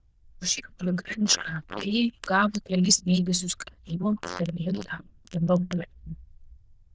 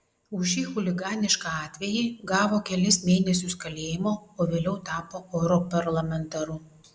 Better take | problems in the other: second | noise reduction (neural diffusion model UNIVERSE++)

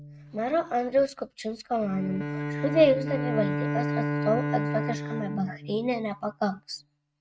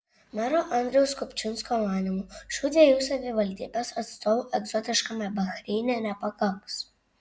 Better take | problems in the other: second | noise reduction (neural mask model RNNoise)

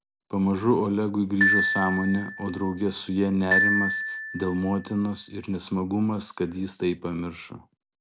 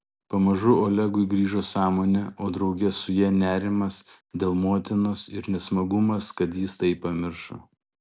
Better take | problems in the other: second | background sound (Glockenspiel); 1 dB below the speech

